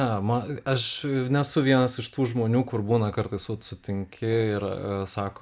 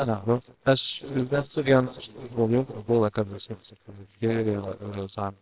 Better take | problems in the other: first | noise reduction (neural separator model SepFormer WHAMR!)

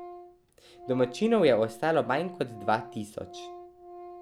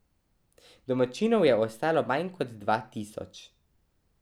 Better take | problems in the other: second | background sound (Organ); 16 dB below the speech

